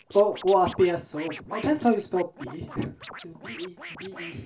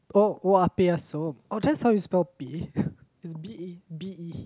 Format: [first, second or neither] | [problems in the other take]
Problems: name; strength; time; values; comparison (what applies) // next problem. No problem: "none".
second | background sound (Scratching (performance technique)); 17 dB below the speech // room echo; dies away in 0.3 s